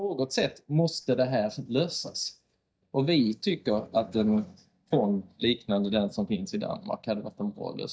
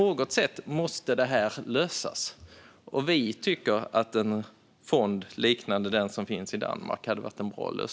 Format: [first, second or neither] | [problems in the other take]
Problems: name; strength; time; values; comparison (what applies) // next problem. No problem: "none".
second | noise reduction (neural mask model DeepFilterNet 3)